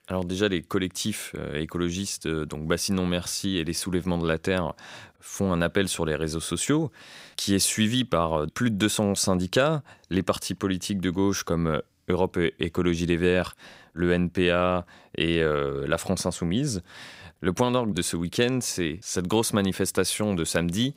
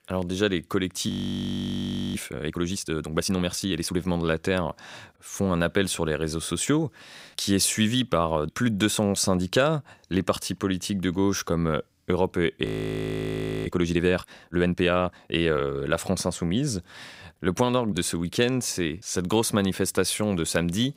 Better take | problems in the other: first | audio freezing; at 1 s for 1 s and at 13 s for 1 s

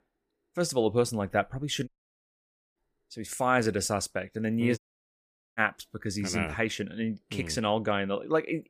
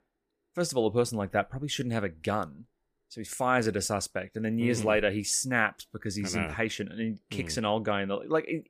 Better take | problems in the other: second | audio cutting out; at 2 s for 1 s and at 5 s for 1 s

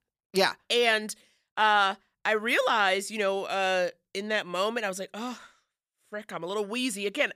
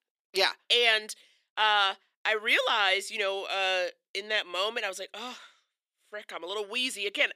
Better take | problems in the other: first | thin; somewhat; fading below 300 Hz

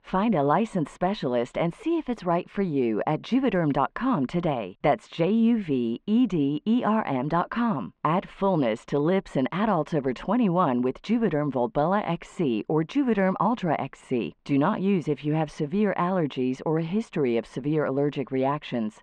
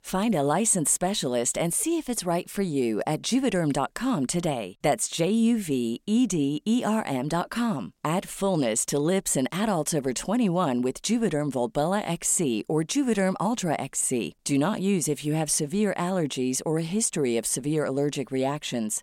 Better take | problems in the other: second | muffled; very; fading above 2.5 kHz

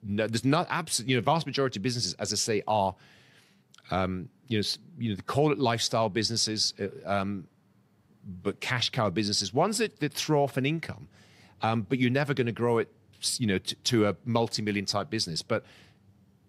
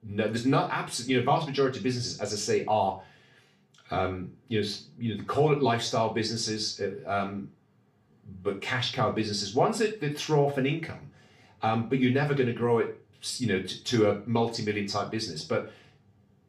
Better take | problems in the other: first | room echo; slight; dies away in 0.3 s // off-mic speech; far

